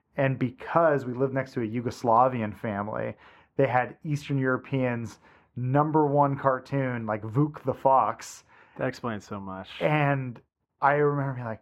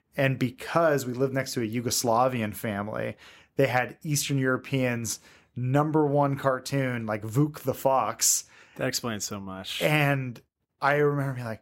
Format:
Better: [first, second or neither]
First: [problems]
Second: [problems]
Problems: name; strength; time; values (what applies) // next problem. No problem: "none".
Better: second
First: muffled; very; fading above 4 kHz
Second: none